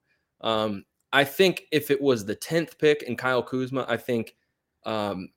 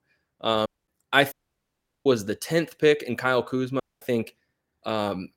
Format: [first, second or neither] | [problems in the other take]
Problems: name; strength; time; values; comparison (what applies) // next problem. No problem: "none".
first | audio cutting out; at 0.5 s, at 1.5 s for 0.5 s and at 4 s